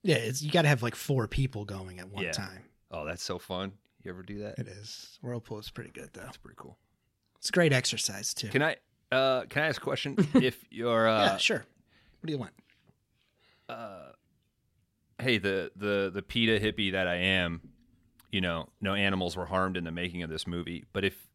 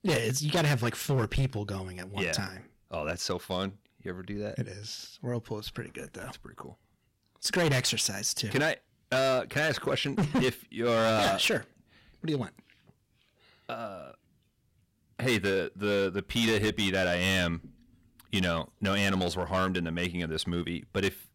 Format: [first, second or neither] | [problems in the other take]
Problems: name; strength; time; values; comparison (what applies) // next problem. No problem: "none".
first | distortion; heavy; 8% of the sound clipped